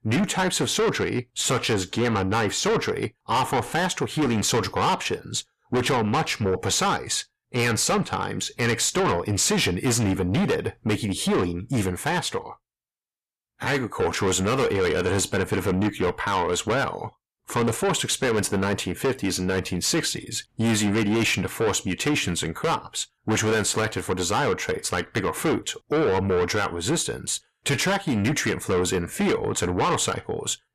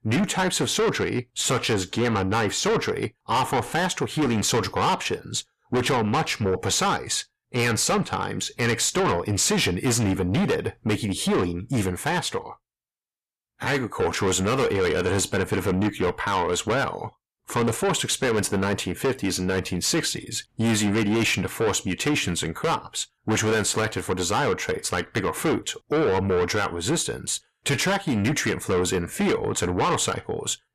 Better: neither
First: distortion; heavy; 6 dB below the speech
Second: distortion; heavy; 6 dB below the speech

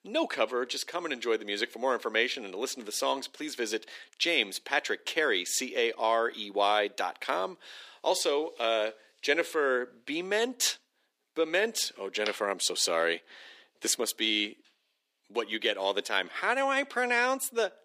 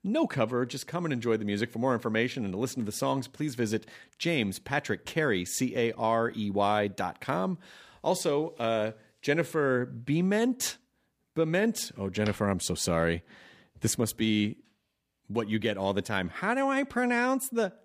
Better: second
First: thin; somewhat; fading below 350 Hz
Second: none

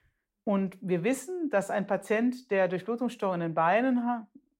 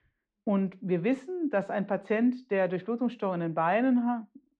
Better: first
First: none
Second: muffled; slightly; fading above 4 kHz

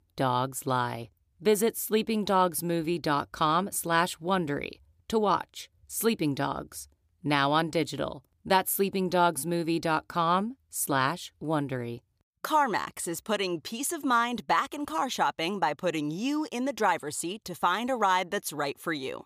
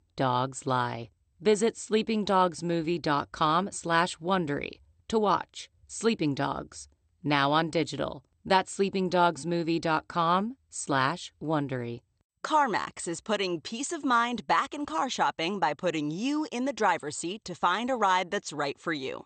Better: first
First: none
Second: garbled, watery; slightly; nothing above 8.5 kHz

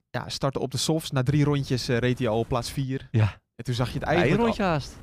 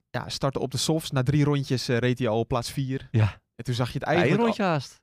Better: second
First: wind noise on the microphone; occasional gusts; from 1.5 to 3 s and from 4 s on; 25 dB below the speech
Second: none

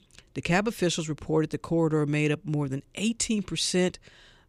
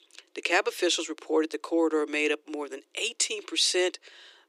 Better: first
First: none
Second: thin; very; fading below 300 Hz

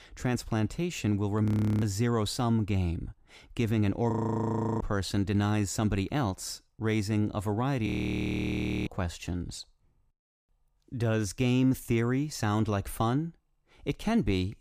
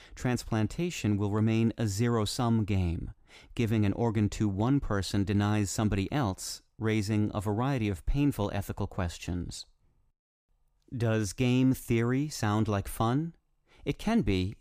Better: second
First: audio freezing; at 1.5 s, at 4 s for 0.5 s and at 8 s for 1 s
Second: none

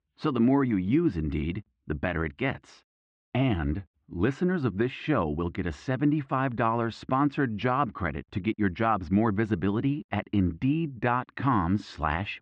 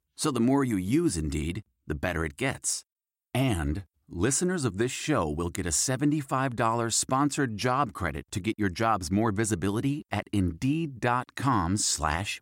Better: second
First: muffled; very; fading above 3 kHz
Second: none

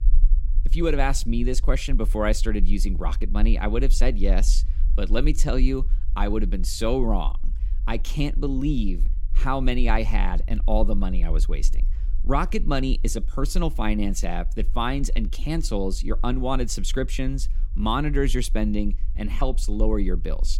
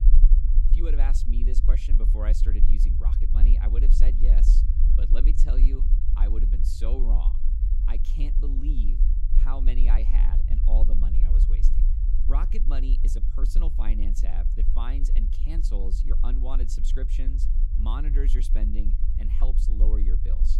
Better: first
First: low rumble; faint; throughout; 25 dB below the speech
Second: low rumble; loud; throughout; 5 dB below the speech

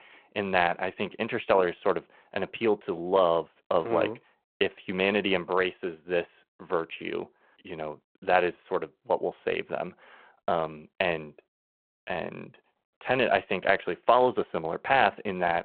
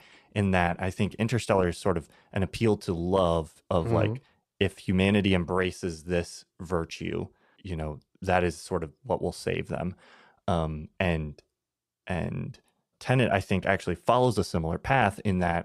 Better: second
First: phone-call audio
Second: none

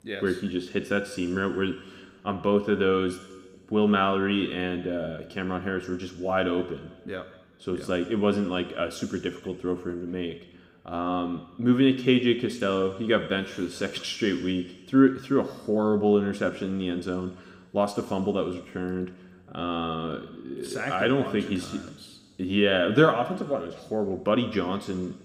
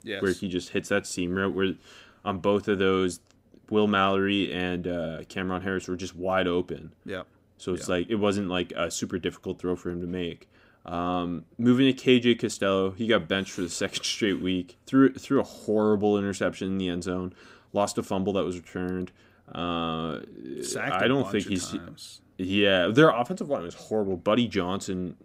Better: second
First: room echo; slight; dies away in 1.3 s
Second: none

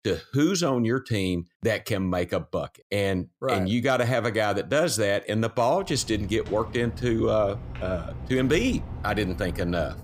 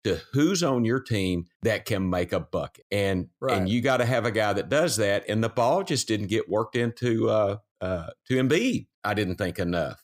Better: second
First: footsteps; faint; from 6 s on; peak 10 dB below the speech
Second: none

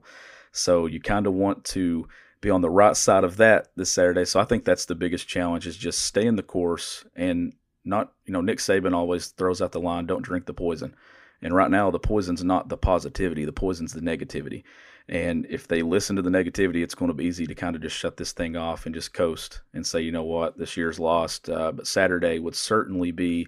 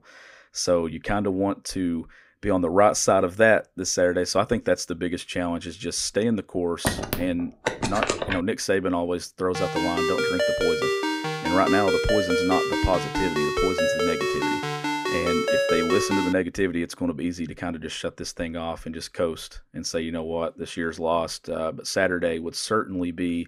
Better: first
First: none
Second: phone ringing; loud; from 7 to 8.5 s and from 9.5 to 16 s; peak 3 dB above the speech

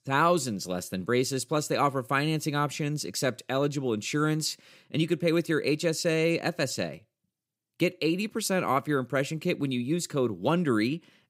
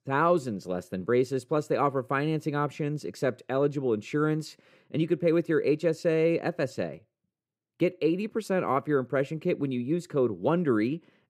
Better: first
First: none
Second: muffled; slightly; fading above 3 kHz

